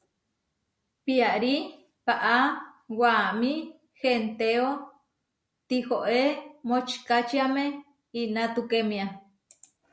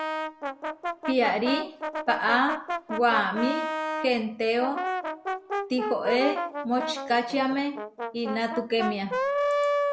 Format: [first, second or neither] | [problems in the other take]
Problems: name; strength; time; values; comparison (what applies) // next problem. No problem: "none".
first | background sound (Brass instrument); 3 dB below the speech